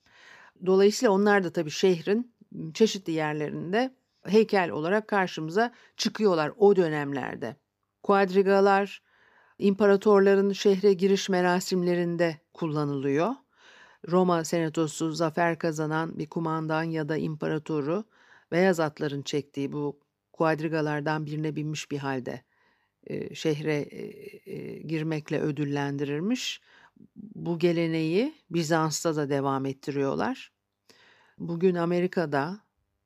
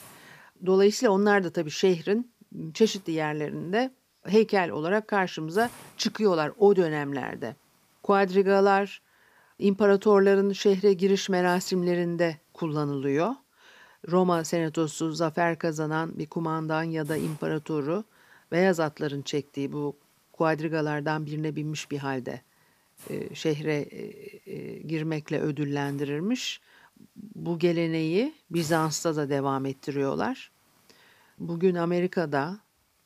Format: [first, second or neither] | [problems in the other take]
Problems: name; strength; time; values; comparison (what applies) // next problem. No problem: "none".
first | hiss; faint; throughout; 30 dB below the speech